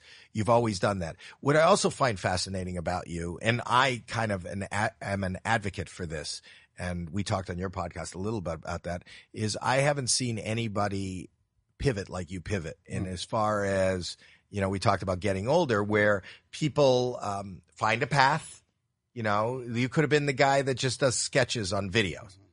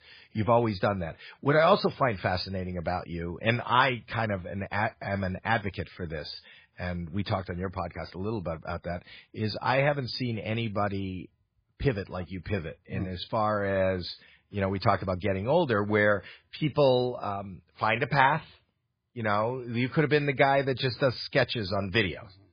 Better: first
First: garbled, watery; slightly; nothing above 10.5 kHz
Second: garbled, watery; badly; nothing above 5 kHz

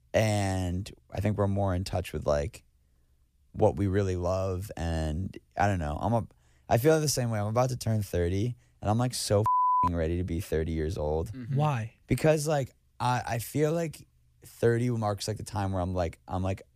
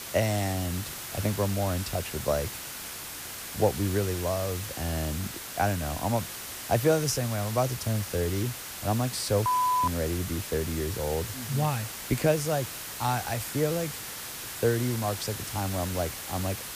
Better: first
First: none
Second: hiss; loud; throughout; 7 dB below the speech

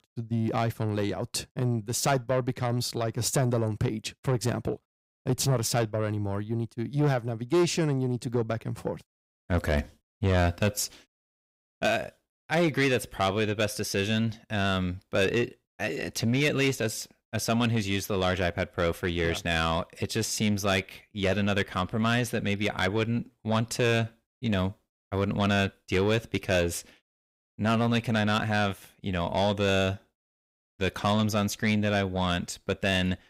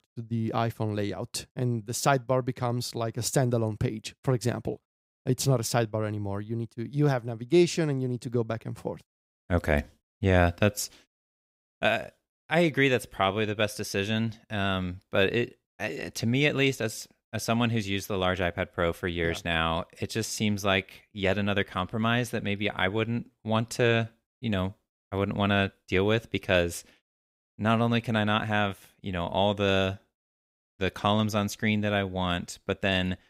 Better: second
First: distortion; slight; 10 dB below the speech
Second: none

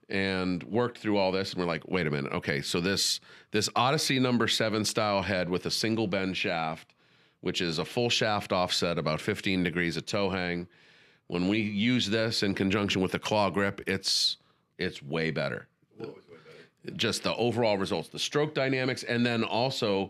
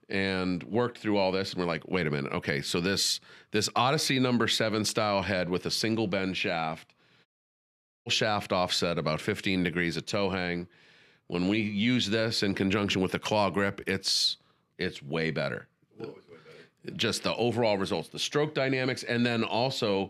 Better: first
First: none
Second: audio cutting out; at 7.5 s for 1 s

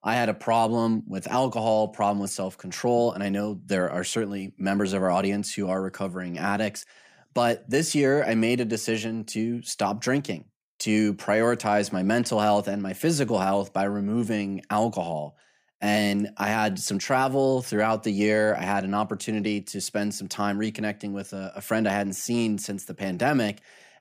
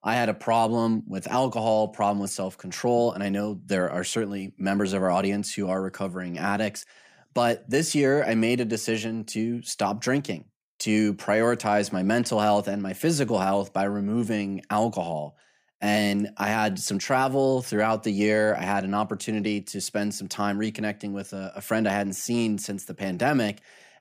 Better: neither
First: none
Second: none

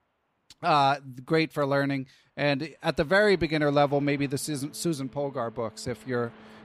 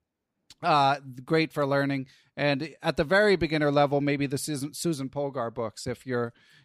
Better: second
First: train or aircraft noise; faint; throughout; 25 dB below the speech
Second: none

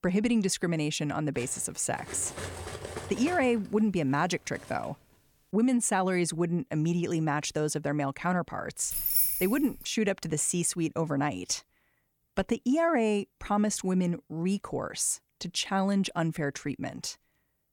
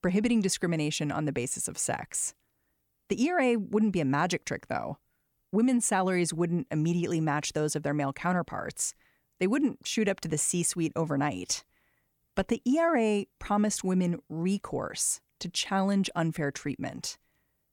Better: second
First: clattering dishes; noticeable; from 1.5 to 5 s; peak 9 dB below the speech // jangling keys; loud; at 9 s; peak 6 dB above the speech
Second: none

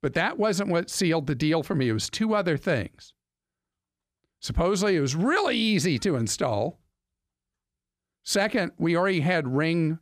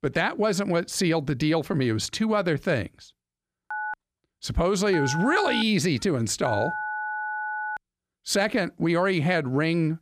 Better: first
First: none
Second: phone ringing; noticeable; from 3.5 to 8 s; peak 5 dB below the speech

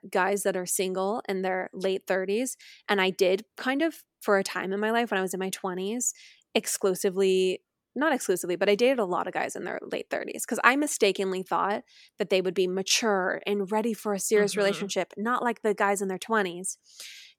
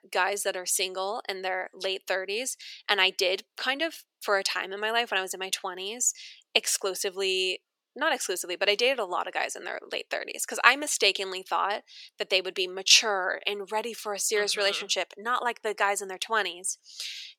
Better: first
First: none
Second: thin; somewhat; fading below 500 Hz

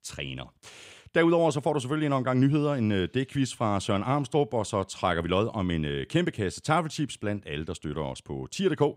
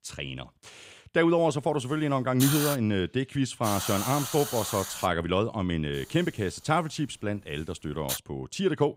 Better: first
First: none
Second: hiss; loud; from 1.5 to 2.5 s, from 3.5 to 5 s and from 6 to 8 s; 5 dB below the speech

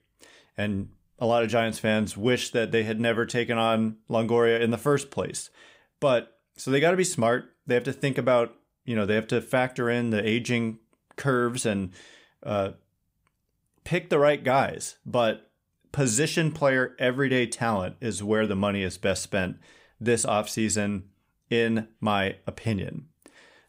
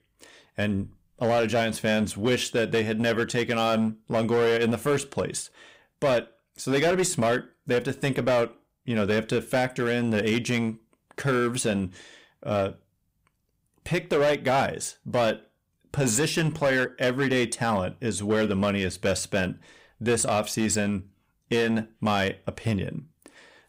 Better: first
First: none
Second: distortion; slight; 9% of the sound clipped

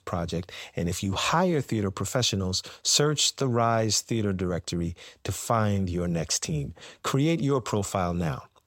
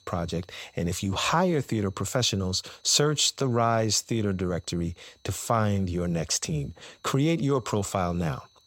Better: first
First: none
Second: high-pitched whine; faint; throughout; 4 kHz, 35 dB below the speech

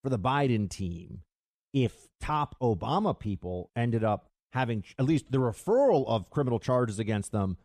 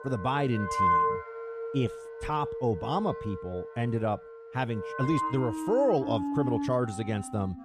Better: first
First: none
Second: background music; loud; throughout; 3 dB below the speech

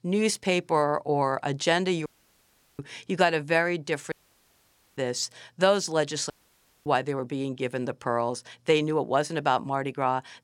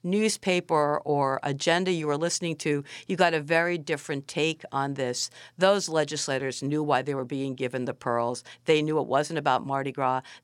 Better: second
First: audio cutting out; at 2 s for 0.5 s, at 4 s for 1 s and at 6.5 s for 0.5 s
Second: none

